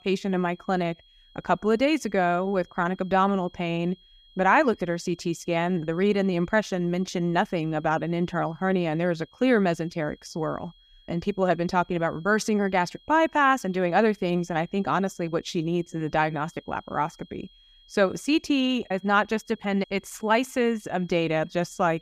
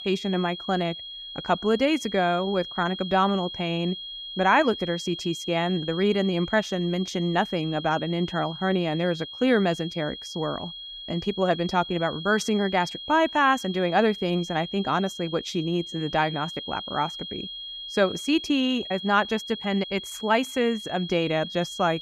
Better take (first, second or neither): first